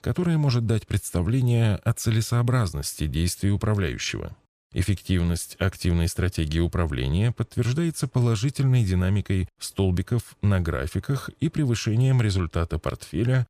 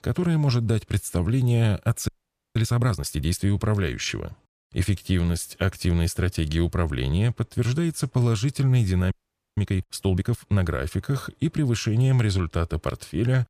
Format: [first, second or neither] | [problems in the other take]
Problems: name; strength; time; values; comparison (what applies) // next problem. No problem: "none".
first | audio freezing; at 2 s and at 9 s